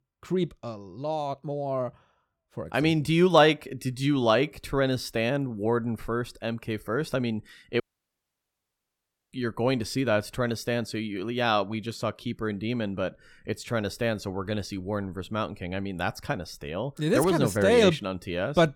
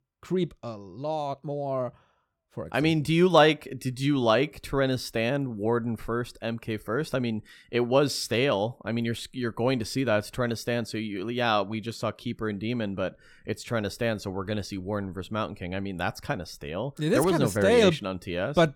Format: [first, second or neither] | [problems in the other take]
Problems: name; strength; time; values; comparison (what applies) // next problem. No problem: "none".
second | audio cutting out; at 8 s for 1.5 s